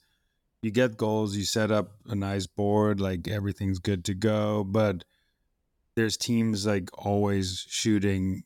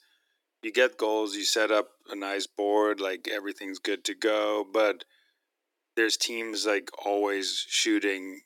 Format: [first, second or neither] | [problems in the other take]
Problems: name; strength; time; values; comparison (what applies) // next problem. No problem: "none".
first | thin; very; fading below 300 Hz